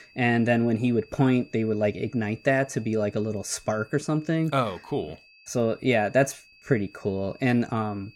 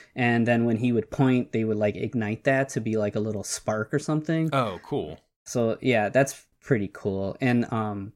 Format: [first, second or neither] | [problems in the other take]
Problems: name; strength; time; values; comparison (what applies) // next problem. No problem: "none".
second | high-pitched whine; faint; throughout; 2.5 kHz, 25 dB below the speech